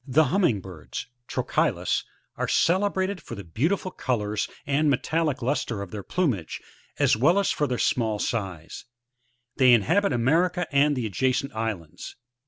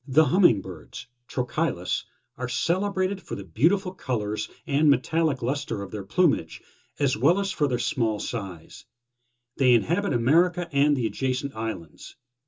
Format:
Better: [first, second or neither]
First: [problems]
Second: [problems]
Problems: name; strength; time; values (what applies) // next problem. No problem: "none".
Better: first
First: none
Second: room echo; dies away in 0.2 s